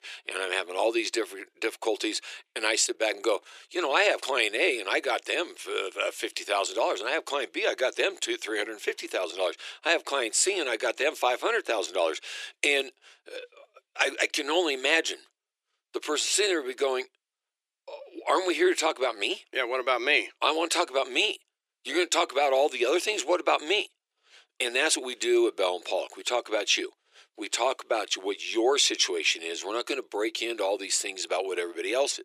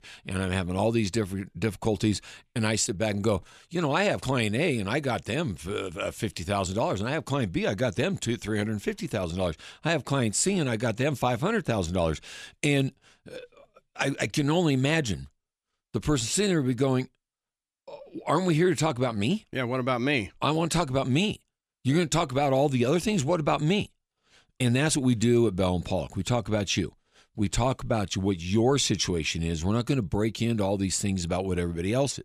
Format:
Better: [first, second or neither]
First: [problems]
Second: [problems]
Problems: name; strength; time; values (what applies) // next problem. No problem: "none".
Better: second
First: thin; very; fading below 350 Hz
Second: none